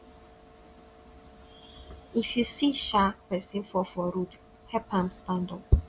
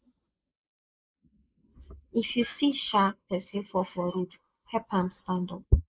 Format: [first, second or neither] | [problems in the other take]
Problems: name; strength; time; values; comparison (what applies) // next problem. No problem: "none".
first | noise reduction (neural mask model Resemble Enhance denoiser)